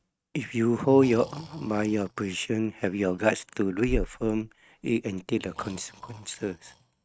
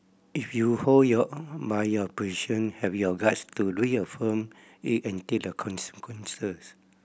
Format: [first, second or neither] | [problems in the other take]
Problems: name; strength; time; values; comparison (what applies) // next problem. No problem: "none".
second | noise reduction (neural mask model RNNoise)